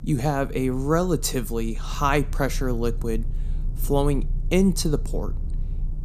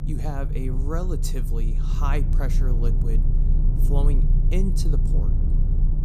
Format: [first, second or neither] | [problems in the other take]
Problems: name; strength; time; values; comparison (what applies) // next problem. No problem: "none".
first | low rumble; loud; throughout; 5 dB below the speech; faint in the first